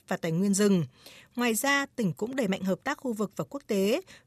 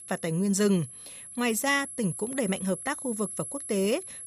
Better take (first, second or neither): first